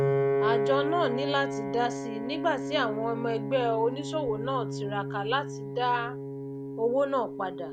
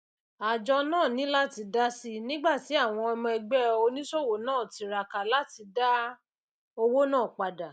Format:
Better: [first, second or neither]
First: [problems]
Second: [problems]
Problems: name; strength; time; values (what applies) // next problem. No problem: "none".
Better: second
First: background sound (Piano); 2 dB below the speech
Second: none